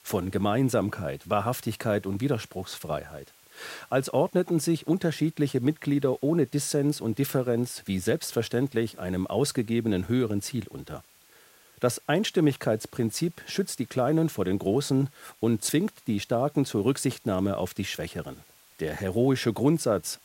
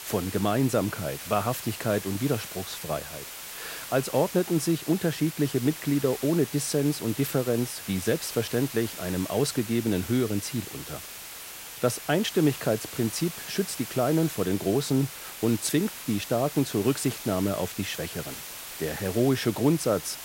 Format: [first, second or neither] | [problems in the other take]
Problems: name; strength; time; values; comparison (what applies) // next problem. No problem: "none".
first | hiss; loud; throughout; 10 dB below the speech; faint in the first